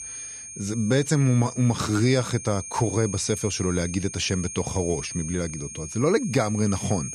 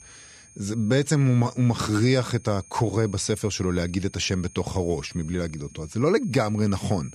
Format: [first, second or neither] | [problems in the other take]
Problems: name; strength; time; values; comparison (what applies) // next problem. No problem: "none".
second | high-pitched whine; loud; throughout; 6.5 kHz, 10 dB below the speech; faint in the second